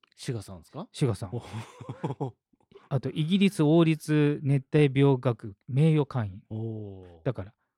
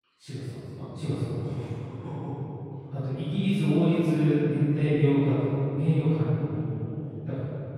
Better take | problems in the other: first | room echo; strong; dies away in 3 s // off-mic speech; far

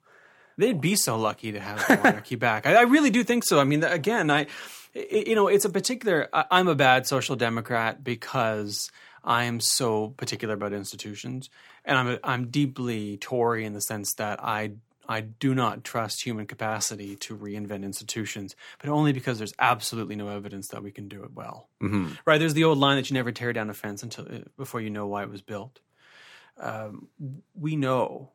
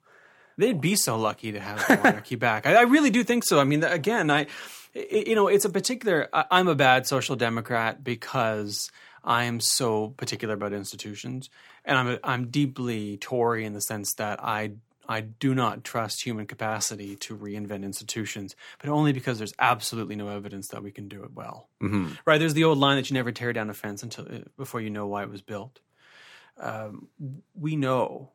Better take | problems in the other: neither | none

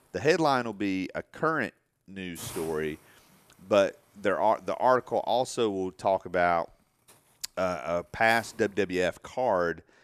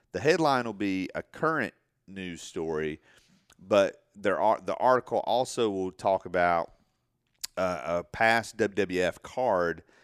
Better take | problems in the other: second | hiss; faint; throughout; 20 dB below the speech

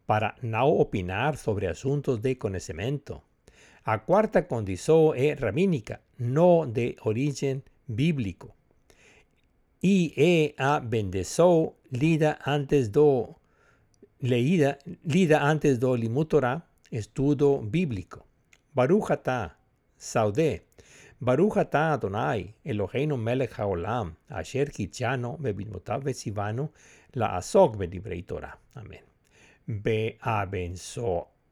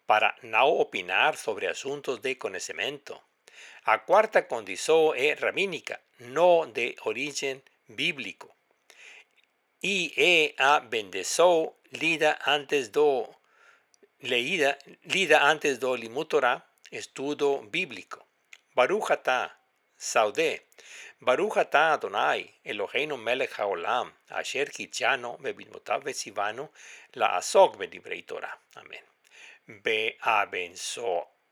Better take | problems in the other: first | thin; very; fading below 650 Hz

